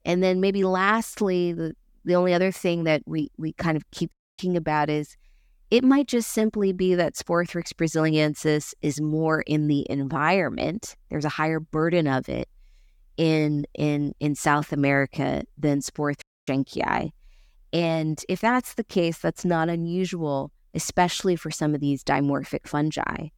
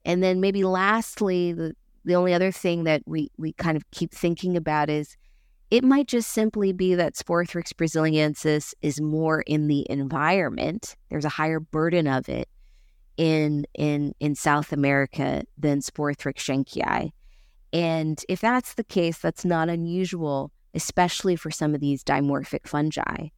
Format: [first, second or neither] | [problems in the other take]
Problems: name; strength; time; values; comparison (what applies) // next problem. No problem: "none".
second | audio cutting out; at 4 s and at 16 s